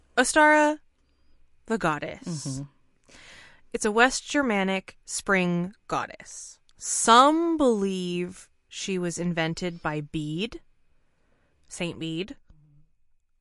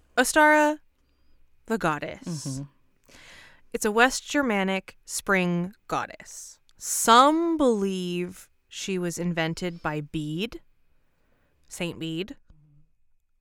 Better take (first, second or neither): second